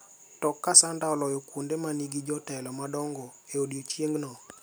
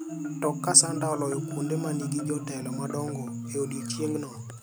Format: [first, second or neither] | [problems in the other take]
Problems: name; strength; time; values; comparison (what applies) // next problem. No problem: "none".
first | background sound (Marimba, xylophone); 4 dB below the speech